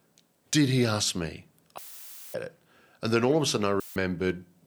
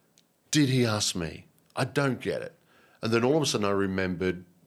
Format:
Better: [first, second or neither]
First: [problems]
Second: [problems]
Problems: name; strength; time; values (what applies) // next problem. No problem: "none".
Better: second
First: audio cutting out; filled with static; at 2 s for 0.5 s and at 4 s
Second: none